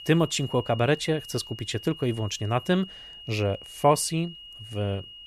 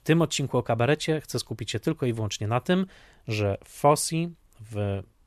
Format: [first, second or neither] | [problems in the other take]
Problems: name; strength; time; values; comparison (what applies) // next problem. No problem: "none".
second | high-pitched whine; noticeable; throughout; 3 kHz, 15 dB below the speech